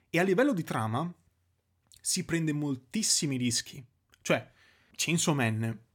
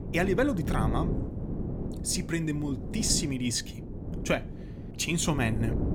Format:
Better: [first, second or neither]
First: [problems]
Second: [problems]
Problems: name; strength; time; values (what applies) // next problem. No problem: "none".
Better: first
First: none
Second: wind noise on the microphone; occasional gusts; 10 dB below the speech